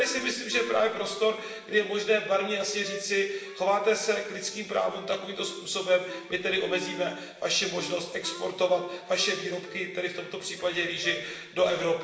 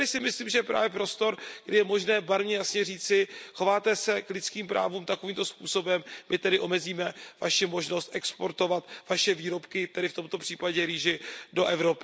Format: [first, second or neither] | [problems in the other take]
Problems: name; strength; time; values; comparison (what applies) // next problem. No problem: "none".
second | background sound (Wind instrument, woodwind instrument); 17 dB below the speech // room echo; dies away in 1.2 s